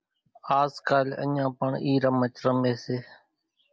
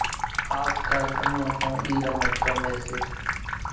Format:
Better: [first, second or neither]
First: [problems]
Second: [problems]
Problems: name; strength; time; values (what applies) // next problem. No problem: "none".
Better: first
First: none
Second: background sound (Sink (filling or washing) / Water tap, faucet); 3 dB above the speech // room echo; dies away in 0.8 s